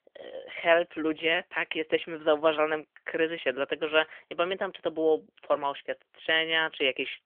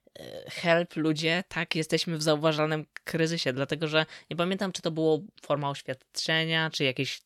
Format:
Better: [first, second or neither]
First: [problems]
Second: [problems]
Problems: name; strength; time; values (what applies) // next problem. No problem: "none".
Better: second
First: phone-call audio; nothing above 3 kHz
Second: none